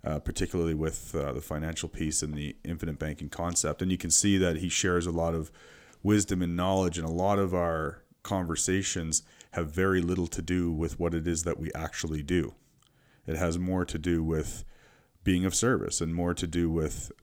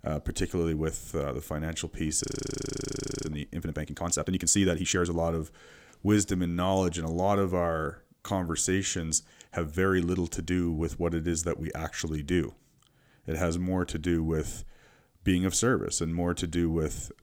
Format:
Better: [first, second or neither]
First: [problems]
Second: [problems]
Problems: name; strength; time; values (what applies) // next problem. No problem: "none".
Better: first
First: none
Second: audio freezing; at 2 s for 1 s